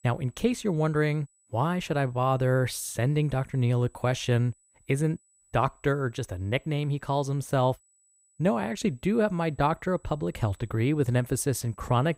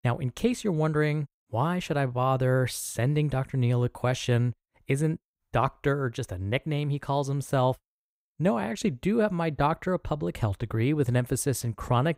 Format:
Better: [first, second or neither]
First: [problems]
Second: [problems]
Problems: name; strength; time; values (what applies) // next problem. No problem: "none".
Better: second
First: high-pitched whine; faint; throughout; 8 kHz, 35 dB below the speech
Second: none